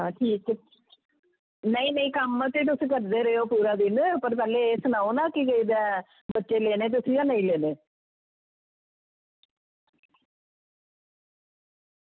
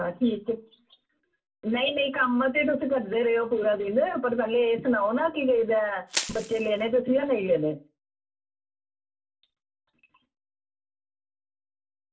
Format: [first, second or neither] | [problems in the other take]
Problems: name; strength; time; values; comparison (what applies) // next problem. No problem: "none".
first | background sound (Crushing); 8 dB below the speech // room echo; dies away in 0.2 s